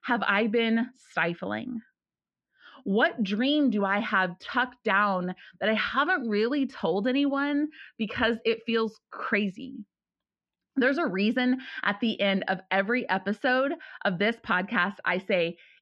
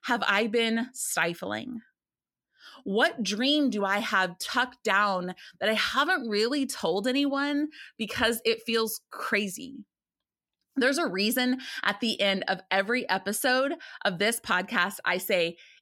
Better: second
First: muffled; slightly; fading above 3 kHz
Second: none

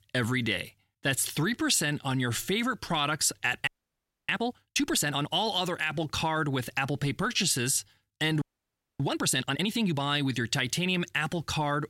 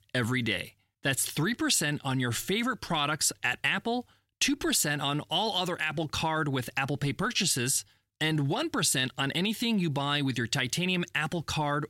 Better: second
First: audio freezing; at 3.5 s for 0.5 s and at 8.5 s for 0.5 s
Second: none

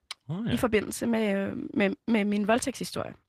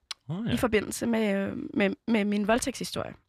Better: second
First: garbled, watery; slightly; nothing above 14.5 kHz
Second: none

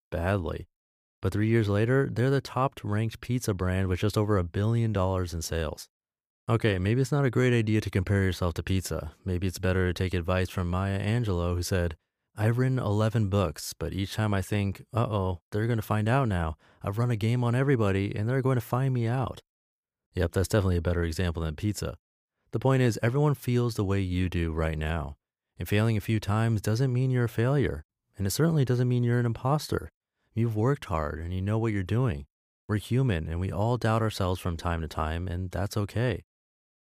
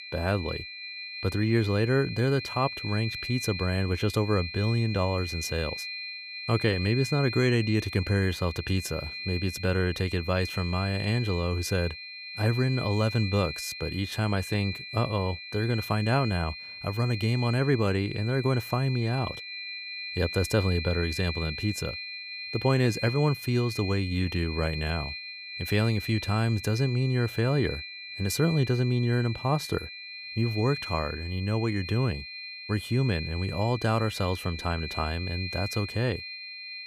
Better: first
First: none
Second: high-pitched whine; loud; throughout; 2.5 kHz, 8 dB below the speech

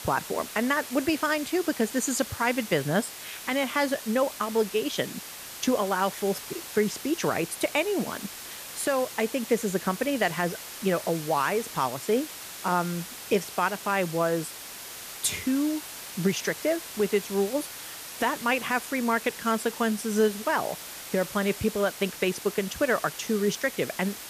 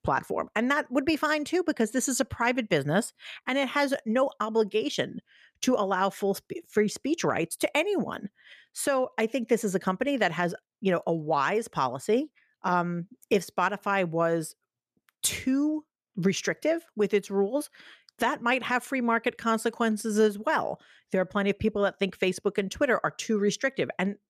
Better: second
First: hiss; noticeable; throughout; 10 dB below the speech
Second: none

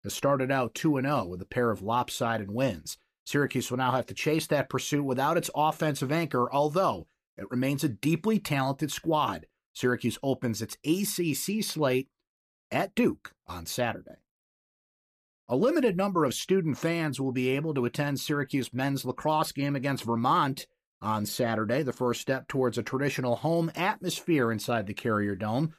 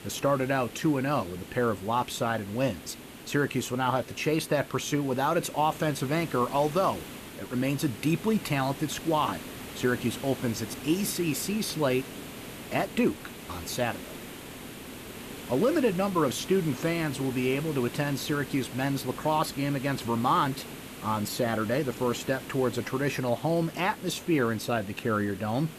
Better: first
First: none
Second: hiss; noticeable; throughout; 15 dB below the speech

